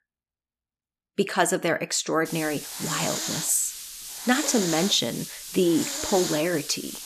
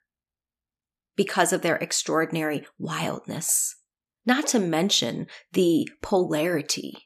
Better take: second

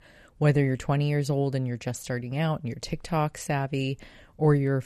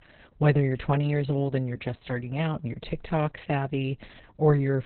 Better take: first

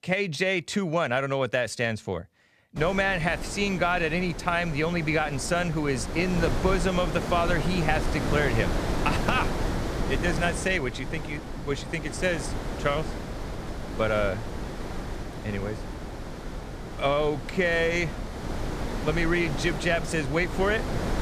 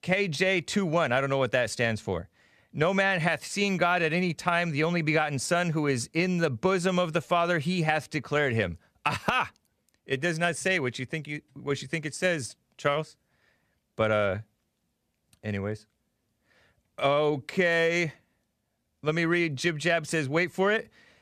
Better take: second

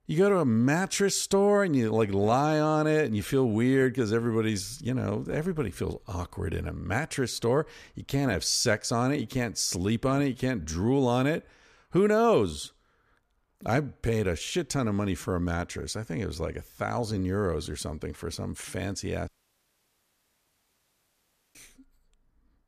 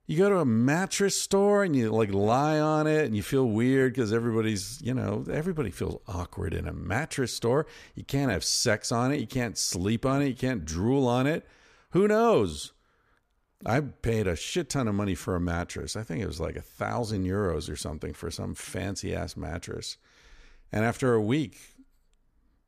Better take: second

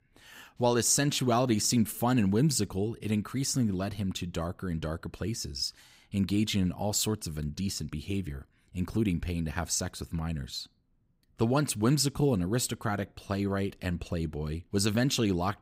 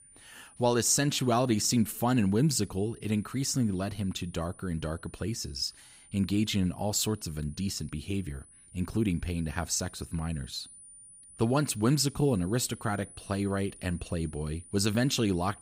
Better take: first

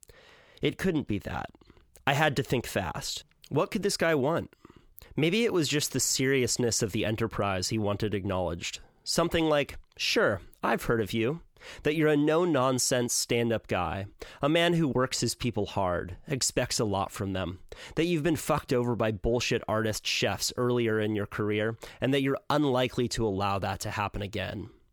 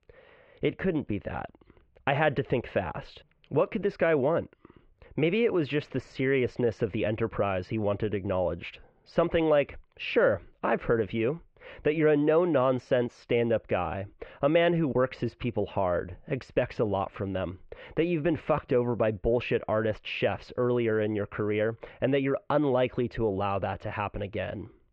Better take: first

